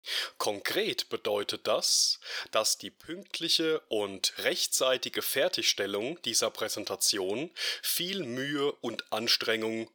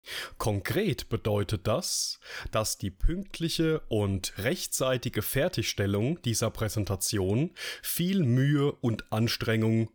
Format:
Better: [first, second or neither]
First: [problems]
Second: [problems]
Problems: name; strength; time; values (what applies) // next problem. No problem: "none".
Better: second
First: thin; somewhat; fading below 450 Hz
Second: none